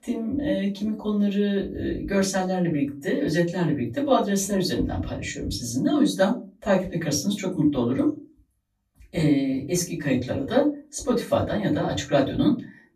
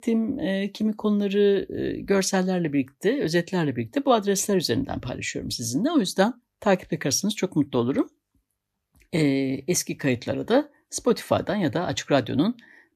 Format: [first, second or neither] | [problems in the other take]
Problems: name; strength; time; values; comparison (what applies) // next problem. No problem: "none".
second | off-mic speech; far // room echo; very slight; dies away in 0.3 s